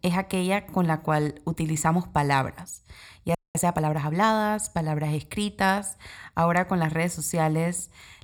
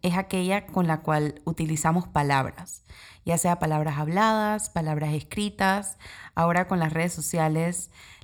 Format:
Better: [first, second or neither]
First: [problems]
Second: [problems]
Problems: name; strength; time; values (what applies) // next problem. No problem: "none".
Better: second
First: audio freezing; at 3.5 s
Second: none